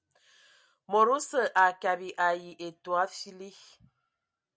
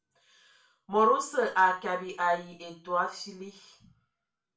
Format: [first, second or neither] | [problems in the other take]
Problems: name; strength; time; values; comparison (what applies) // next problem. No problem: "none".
first | room echo; dies away in 0.3 s